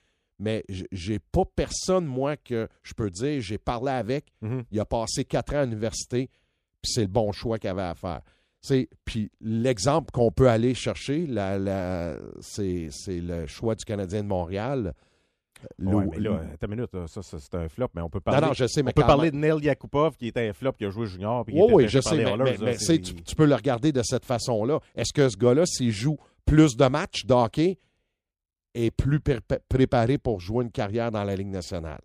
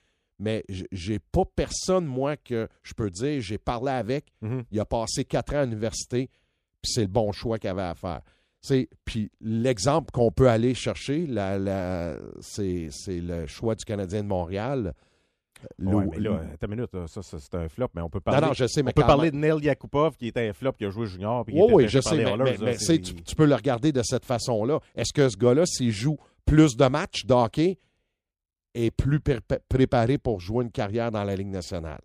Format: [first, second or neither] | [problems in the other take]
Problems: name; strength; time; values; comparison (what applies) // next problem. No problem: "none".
neither | none